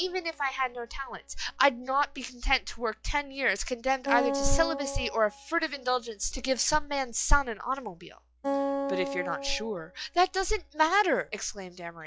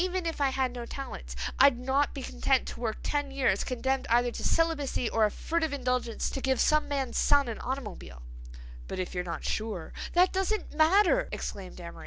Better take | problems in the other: second | noise reduction (classical method log-MMSE)

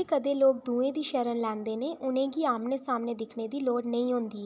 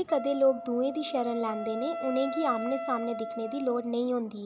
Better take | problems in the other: first | background sound (Wind instrument, woodwind instrument); 8 dB below the speech

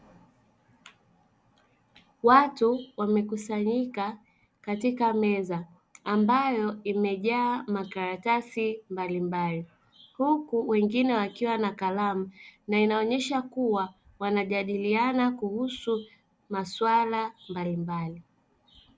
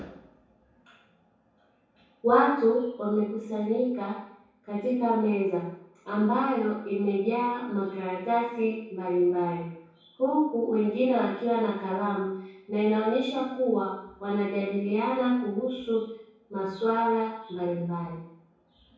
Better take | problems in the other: first | room echo; dies away in 0.7 s

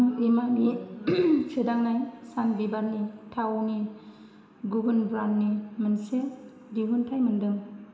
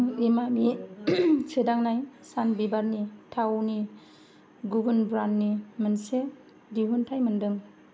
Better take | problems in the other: second | room echo; dies away in 3 s

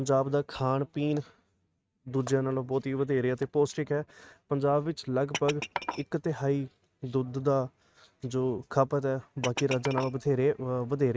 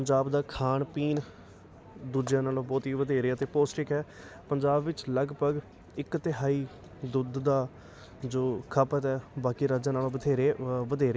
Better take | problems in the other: second | noise reduction (neural mask model RNNoise)

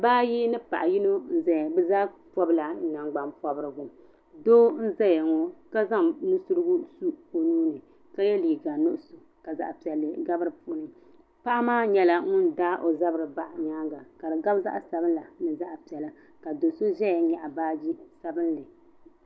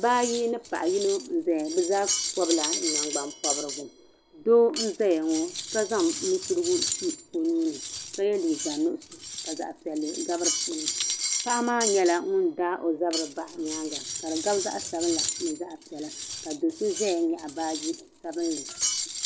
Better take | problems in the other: first | background sound (Cutlery, silverware); 6 dB below the speech

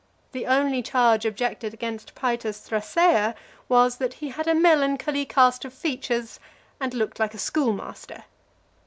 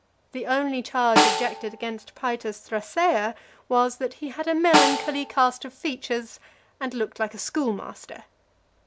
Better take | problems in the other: first | background sound (Snare drum); 1 dB below the speech

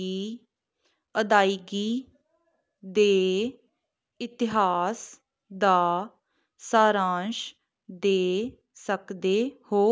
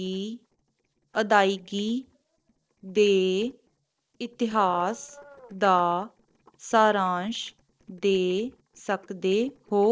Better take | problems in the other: first | noise reduction (neural separator model SepFormer DNS4)

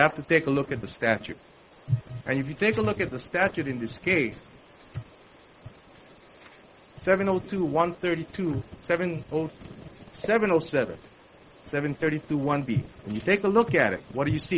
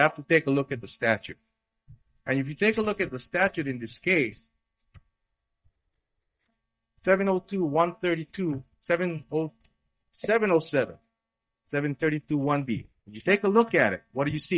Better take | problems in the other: first | noise reduction (neural mask model DeepFilterNet 3)

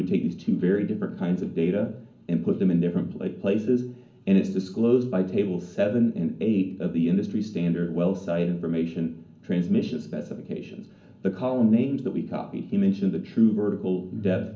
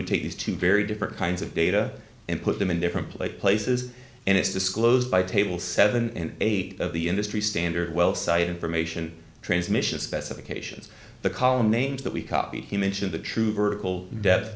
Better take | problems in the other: second | room echo; dies away in 0.4 s

